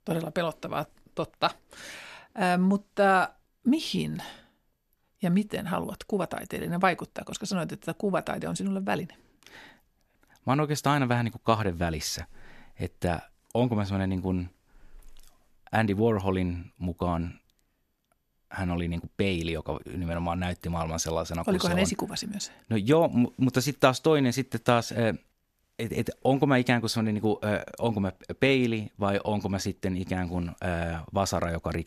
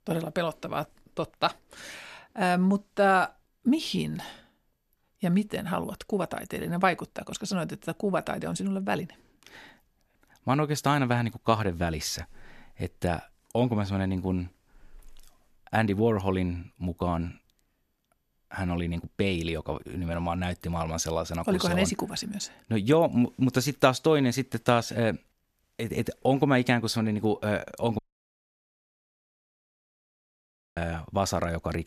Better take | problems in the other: first | audio cutting out; at 28 s for 3 s

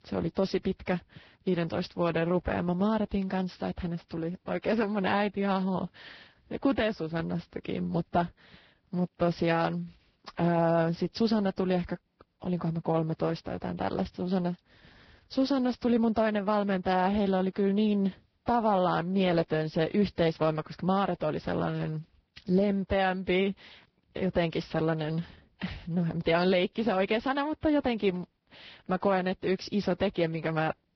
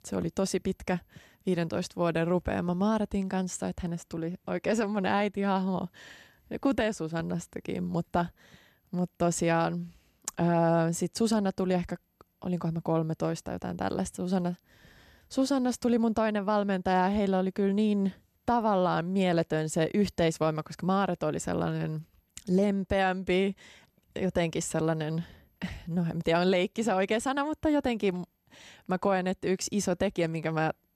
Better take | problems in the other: second | garbled, watery; badly; nothing above 5.5 kHz

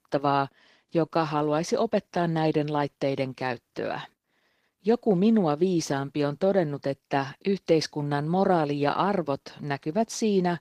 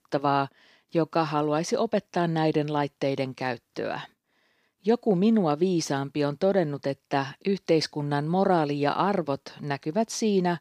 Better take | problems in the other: second | garbled, watery; slightly; nothing above 15 kHz

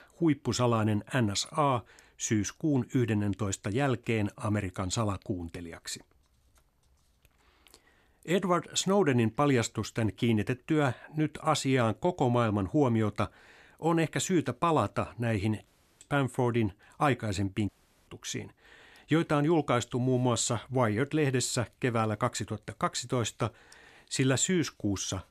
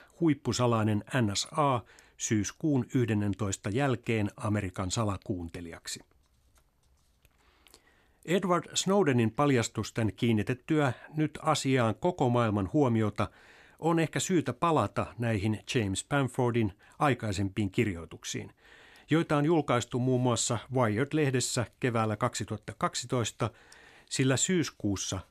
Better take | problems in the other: second | audio cutting out; at 16 s and at 18 s

